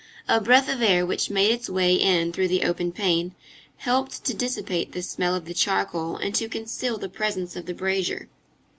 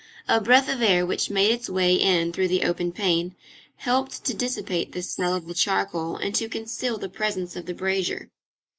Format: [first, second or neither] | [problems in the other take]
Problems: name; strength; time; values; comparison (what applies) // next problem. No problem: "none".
first | noise reduction (neural mask model Resemble Enhance denoiser)